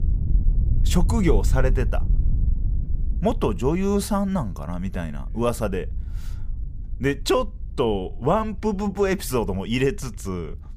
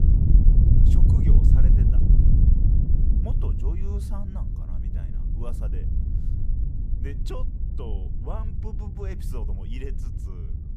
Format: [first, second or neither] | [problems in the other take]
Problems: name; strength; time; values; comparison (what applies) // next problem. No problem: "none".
first | wind noise on the microphone; heavy; 4 dB above the speech; occasional gusts in the first